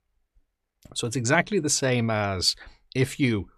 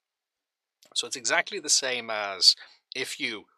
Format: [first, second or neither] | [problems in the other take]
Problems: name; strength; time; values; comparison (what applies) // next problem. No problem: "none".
first | thin; very; fading below 550 Hz